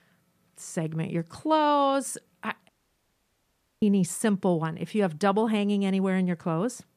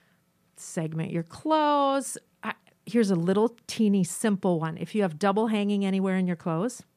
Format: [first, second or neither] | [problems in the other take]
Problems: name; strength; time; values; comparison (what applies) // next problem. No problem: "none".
second | audio cutting out; at 2.5 s for 1 s